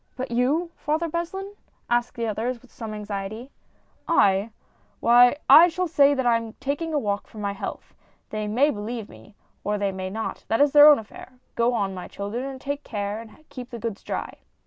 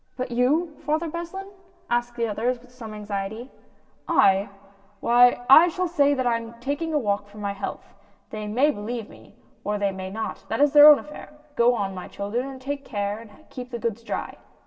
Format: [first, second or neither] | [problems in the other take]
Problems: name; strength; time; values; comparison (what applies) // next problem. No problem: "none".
first | room echo; dies away in 0.6 s